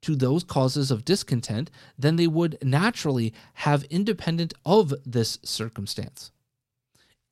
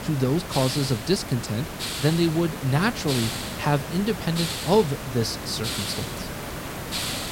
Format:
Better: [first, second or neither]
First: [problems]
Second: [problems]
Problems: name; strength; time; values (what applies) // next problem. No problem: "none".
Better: first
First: none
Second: hiss; loud; throughout; 6 dB below the speech